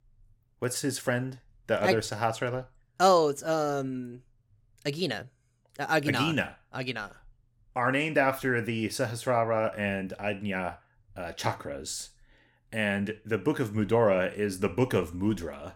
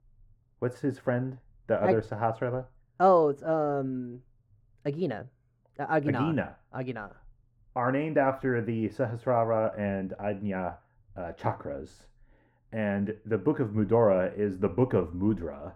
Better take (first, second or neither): first